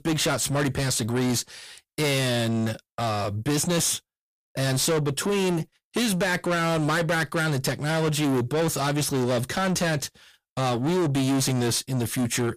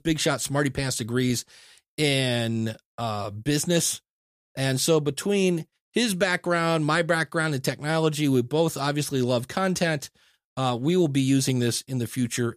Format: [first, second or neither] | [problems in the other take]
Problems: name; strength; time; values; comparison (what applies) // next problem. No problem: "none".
second | distortion; heavy; 7 dB below the speech